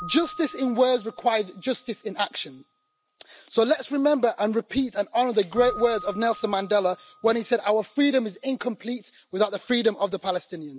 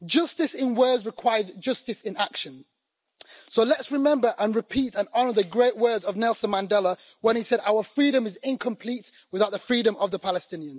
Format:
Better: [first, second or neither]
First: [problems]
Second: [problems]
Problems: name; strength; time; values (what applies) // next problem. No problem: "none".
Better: second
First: background sound (Keyboard (musical)); 19 dB below the speech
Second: none